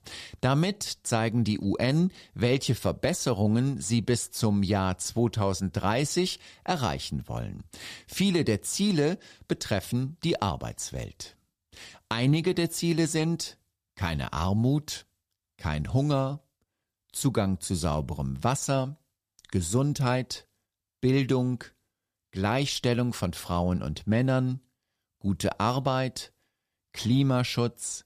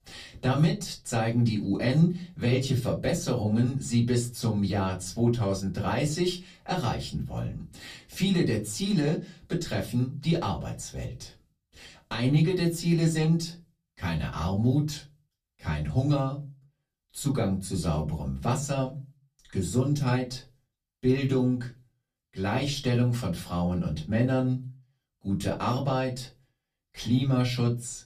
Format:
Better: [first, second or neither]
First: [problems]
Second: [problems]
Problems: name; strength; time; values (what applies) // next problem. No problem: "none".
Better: first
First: none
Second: off-mic speech; far // room echo; very slight; dies away in 0.3 s